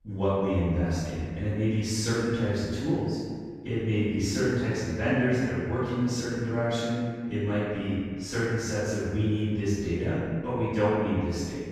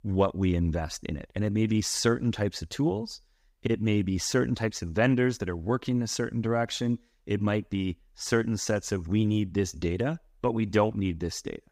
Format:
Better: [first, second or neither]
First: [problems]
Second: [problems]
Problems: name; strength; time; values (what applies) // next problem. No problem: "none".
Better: second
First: room echo; strong; dies away in 1.7 s // off-mic speech; far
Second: none